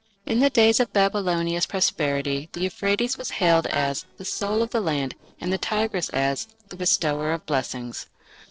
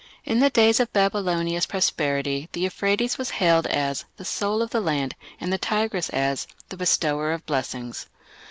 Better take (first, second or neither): second